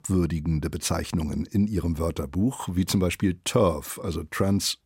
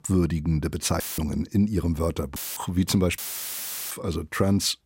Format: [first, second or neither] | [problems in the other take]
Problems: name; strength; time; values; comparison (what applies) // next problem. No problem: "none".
first | audio cutting out; filled with static; at 1 s, at 2.5 s and at 3 s for 0.5 s